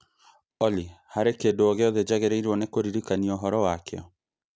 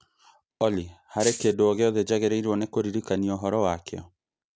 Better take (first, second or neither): first